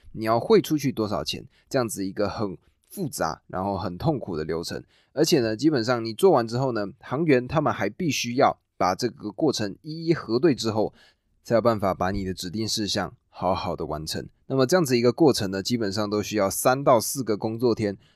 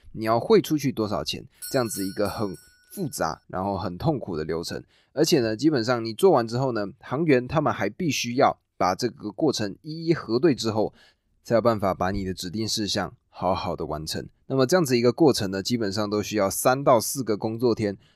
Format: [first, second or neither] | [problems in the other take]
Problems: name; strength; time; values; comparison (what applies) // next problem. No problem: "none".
first | doorbell; faint; at 1.5 s; peak 10 dB below the speech